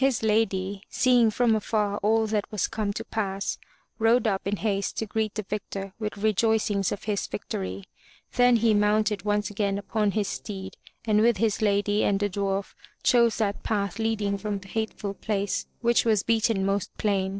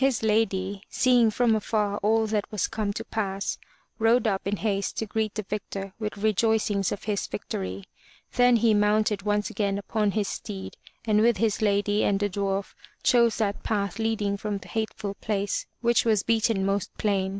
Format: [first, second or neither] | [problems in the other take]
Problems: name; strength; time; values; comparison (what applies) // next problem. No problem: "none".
second | noise reduction (neural separator model SepFormer DNS4)